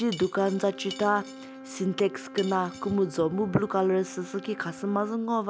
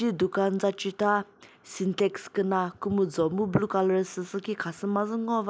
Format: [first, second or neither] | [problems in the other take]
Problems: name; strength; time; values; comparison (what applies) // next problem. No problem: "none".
second | background sound (Wind instrument, woodwind instrument + Cutlery, silverware / Dishes, pots, and pans); 16 dB below the speech